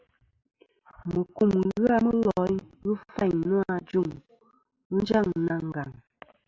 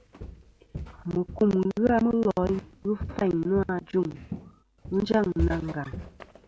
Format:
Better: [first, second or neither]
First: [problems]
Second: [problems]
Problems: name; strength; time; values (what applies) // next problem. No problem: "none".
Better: first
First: none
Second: background sound (Walk, footsteps); 11 dB below the speech